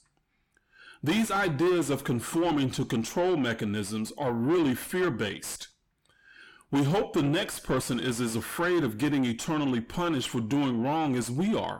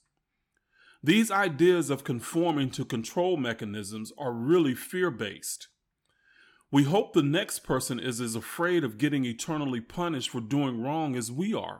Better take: second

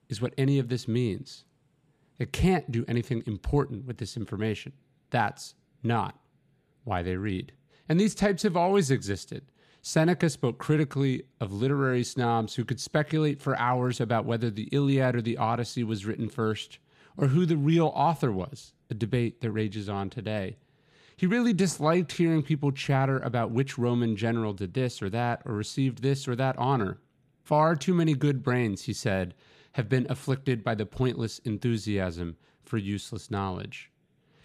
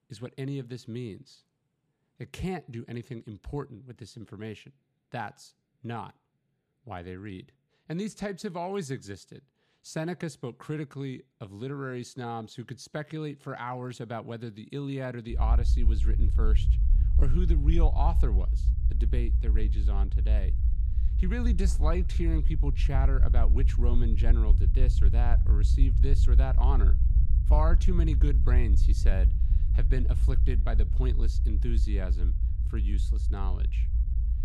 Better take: first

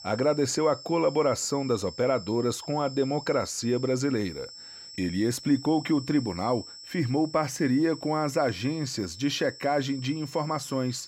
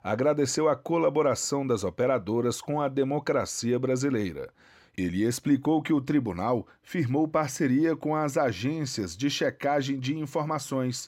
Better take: second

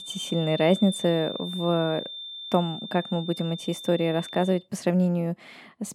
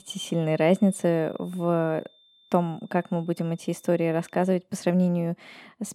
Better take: second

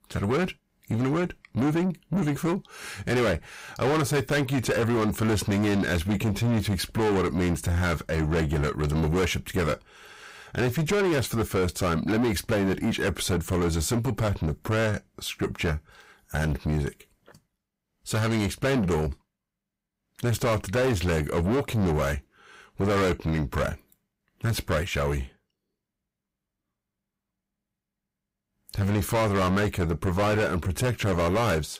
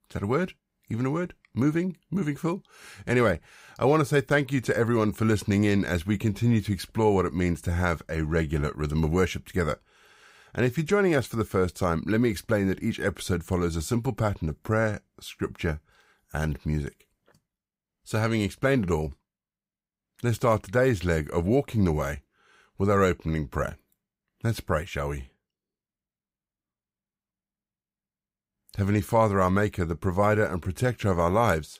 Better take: second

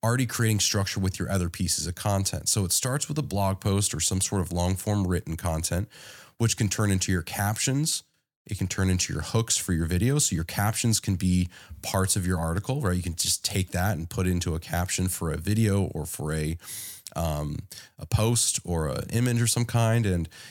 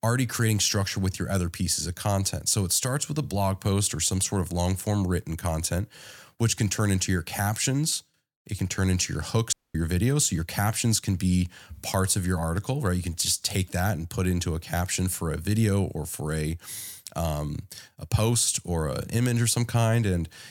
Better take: first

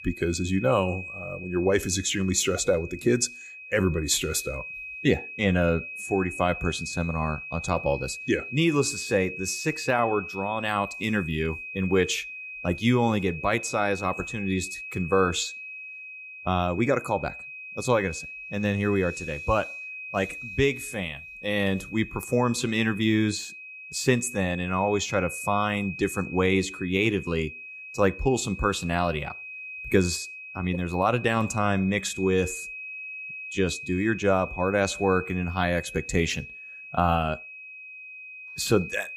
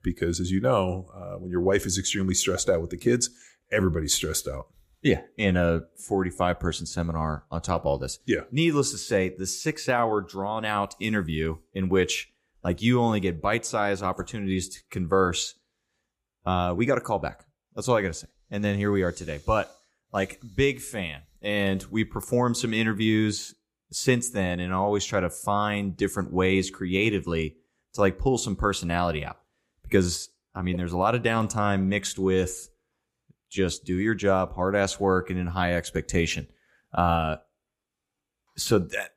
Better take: second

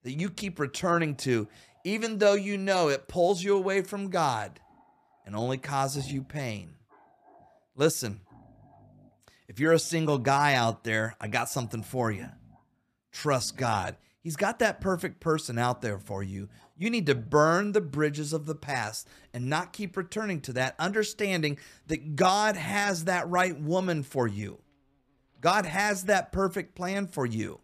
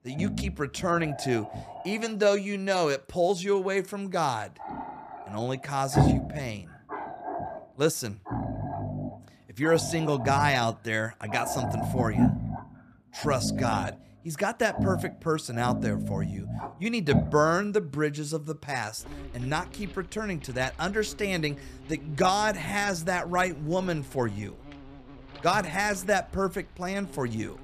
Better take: first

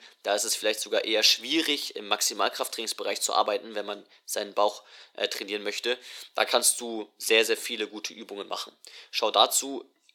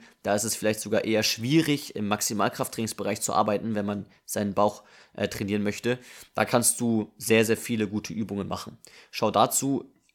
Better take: second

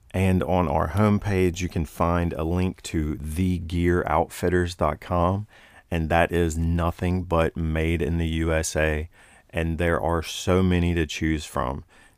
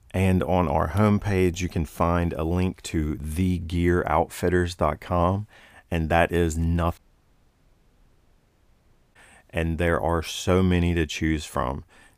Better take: first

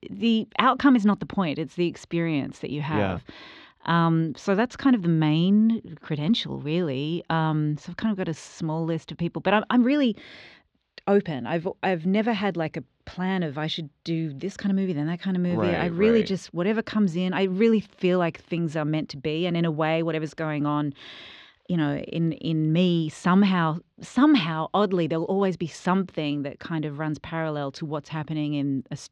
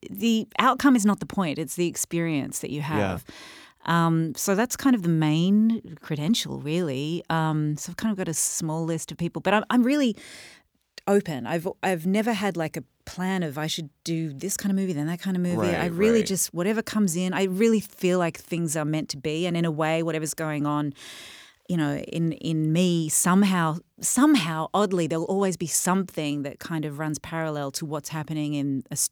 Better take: second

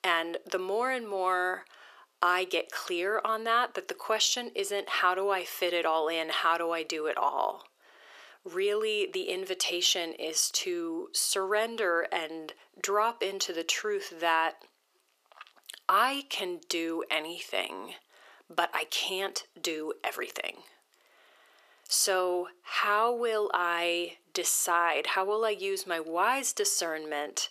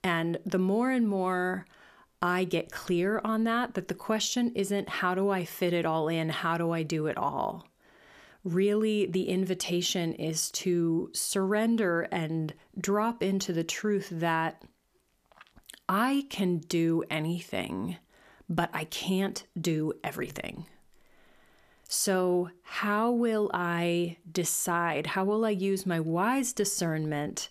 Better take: second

